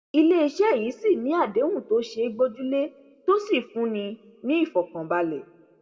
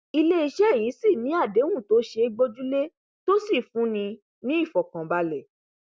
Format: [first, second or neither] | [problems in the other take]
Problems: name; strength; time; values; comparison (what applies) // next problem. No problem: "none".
second | room echo; dies away in 0.7 s